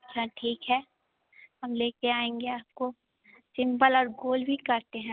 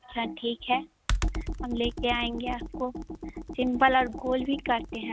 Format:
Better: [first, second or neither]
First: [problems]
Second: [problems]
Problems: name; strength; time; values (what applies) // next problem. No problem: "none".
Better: first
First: none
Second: background sound (Computer keyboard); 6 dB below the speech